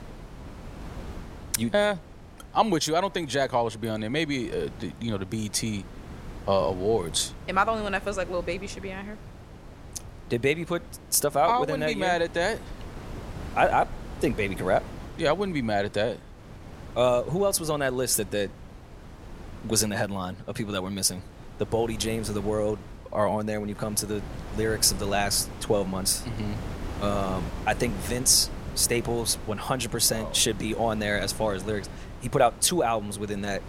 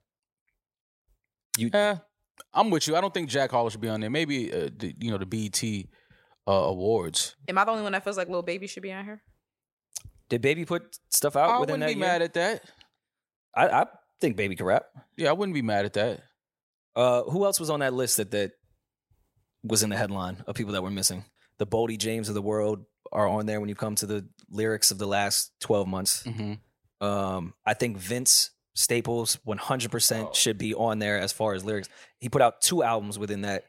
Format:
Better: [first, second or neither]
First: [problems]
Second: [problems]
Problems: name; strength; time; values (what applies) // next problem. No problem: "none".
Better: second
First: wind noise on the microphone; occasional gusts; 20 dB below the speech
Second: none